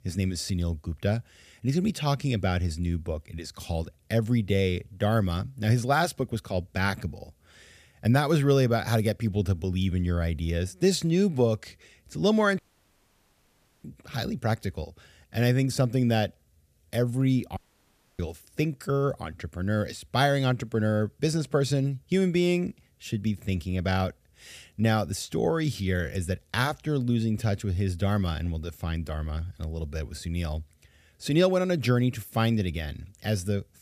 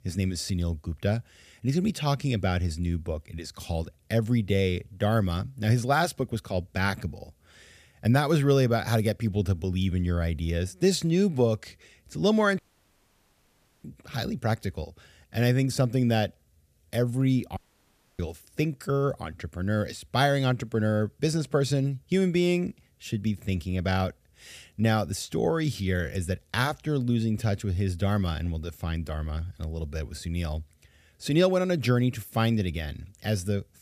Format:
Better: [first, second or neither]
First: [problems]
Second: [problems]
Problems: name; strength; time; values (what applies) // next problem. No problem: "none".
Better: neither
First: audio cutting out; at 13 s for 1.5 s and at 18 s for 0.5 s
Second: audio cutting out; at 13 s for 1.5 s and at 18 s for 0.5 s